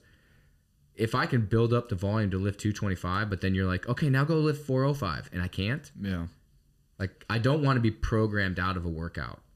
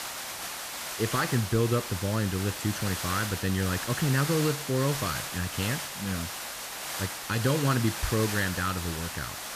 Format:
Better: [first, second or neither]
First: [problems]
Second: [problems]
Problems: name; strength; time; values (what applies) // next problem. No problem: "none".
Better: first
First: none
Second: hiss; loud; throughout; 4 dB below the speech